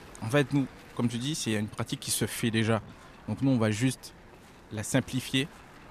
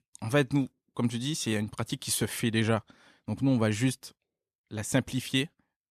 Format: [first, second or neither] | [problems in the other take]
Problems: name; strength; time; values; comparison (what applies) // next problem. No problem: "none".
second | wind noise on the microphone; occasional gusts; 20 dB below the speech